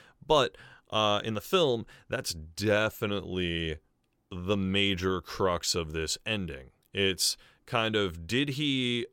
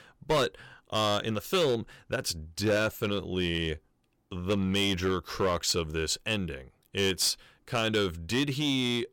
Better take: first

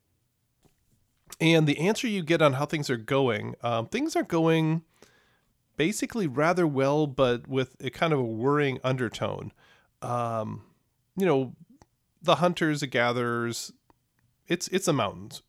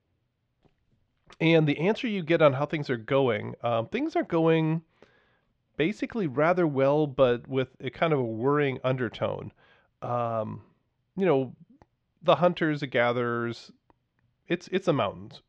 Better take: first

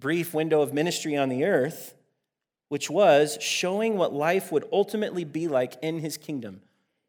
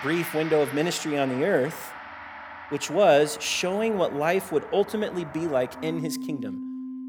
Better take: first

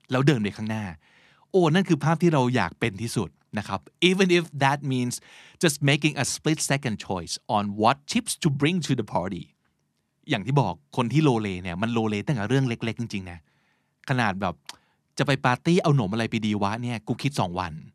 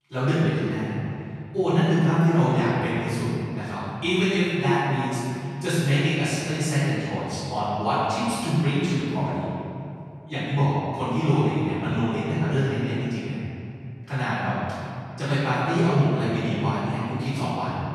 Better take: first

